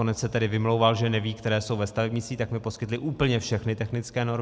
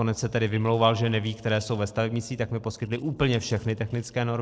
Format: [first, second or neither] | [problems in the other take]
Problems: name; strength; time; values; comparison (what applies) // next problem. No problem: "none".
first | noise reduction (neural separator model SepFormer DNS4)